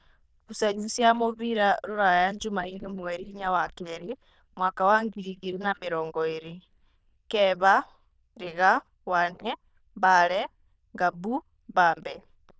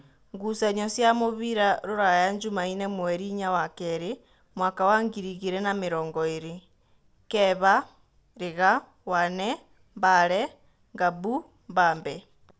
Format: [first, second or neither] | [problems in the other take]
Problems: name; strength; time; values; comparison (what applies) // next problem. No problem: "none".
second | noise reduction (neural diffusion model UNIVERSE++)